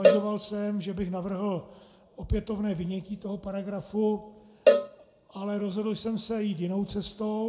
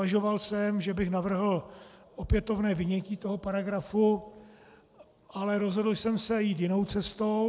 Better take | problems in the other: second | background sound (Cowbell); 2 dB above the speech // room echo; dies away in 0.7 s

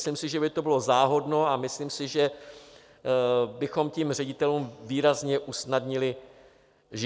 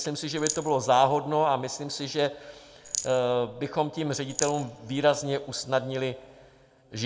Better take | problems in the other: first | background sound (Rattle); 9 dB below the speech // room echo; dies away in 1.2 s

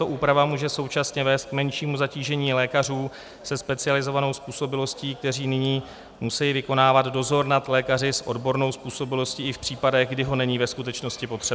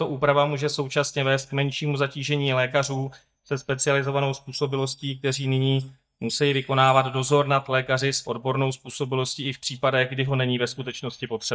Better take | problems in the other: first | noise reduction (neural mask model DeepFilterNet 3)

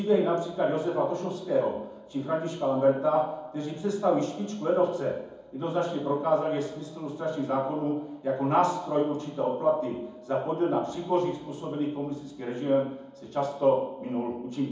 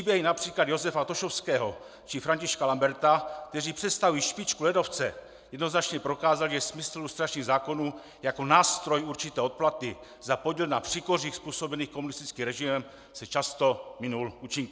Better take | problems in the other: second | room echo; dies away in 1.2 s

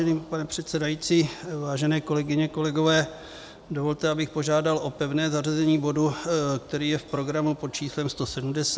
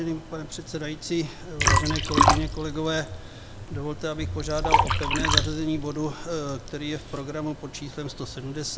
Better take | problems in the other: first | background sound (Liquid); 3 dB above the speech

